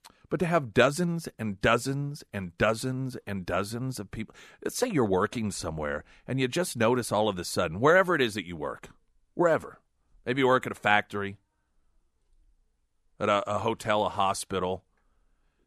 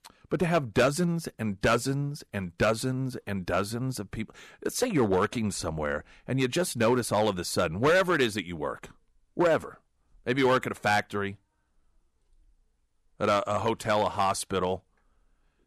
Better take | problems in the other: first | distortion; slight; 3% of the sound clipped

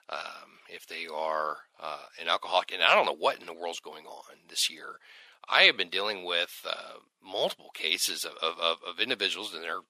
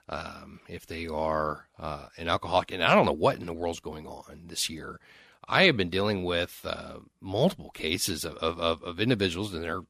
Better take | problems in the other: second | thin; very; fading below 600 Hz

